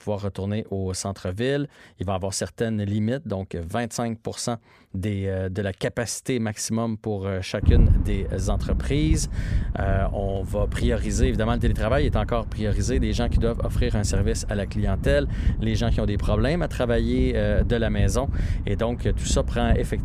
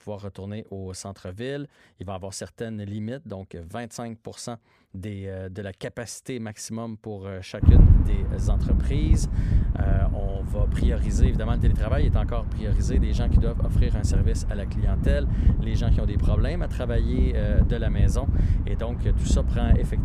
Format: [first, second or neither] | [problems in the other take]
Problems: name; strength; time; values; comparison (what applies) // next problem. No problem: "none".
first | wind noise on the microphone; heavy; from 7.5 s on; 2 dB below the speech; occasional gusts in the first